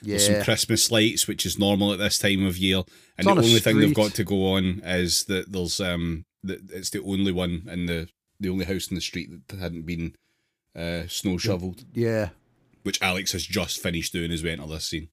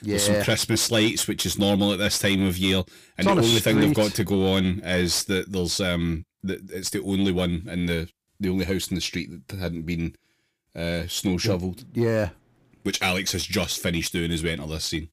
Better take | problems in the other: first | distortion; slight; 10 dB below the speech

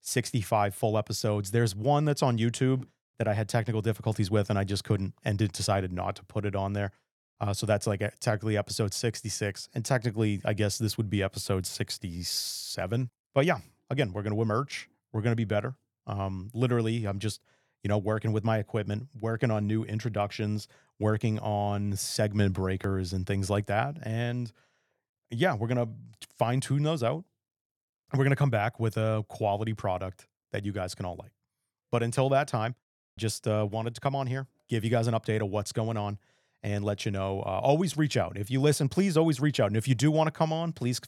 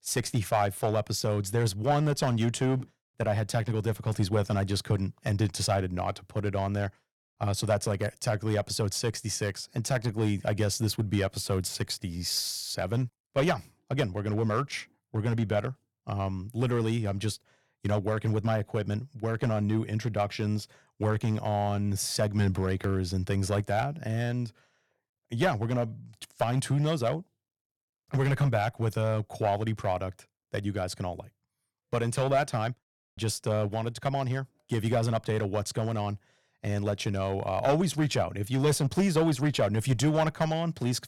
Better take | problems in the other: first | distortion; slight; 4% of the sound clipped

